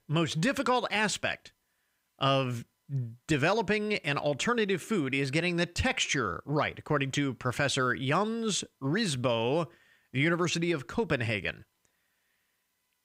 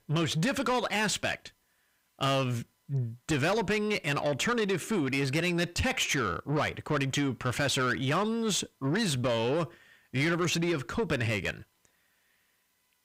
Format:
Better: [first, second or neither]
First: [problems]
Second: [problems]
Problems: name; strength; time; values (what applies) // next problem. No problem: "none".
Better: first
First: none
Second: distortion; slight; 10 dB below the speech